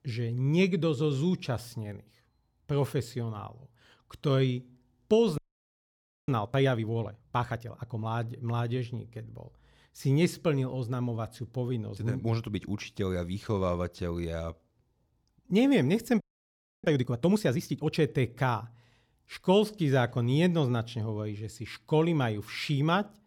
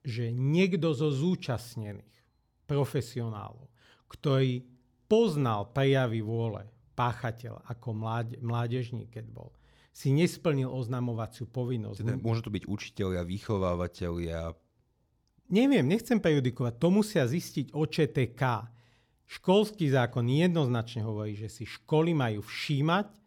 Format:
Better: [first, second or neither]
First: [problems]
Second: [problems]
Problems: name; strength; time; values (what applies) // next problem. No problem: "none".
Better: second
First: audio freezing; at 5.5 s for 1 s and at 16 s for 0.5 s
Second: none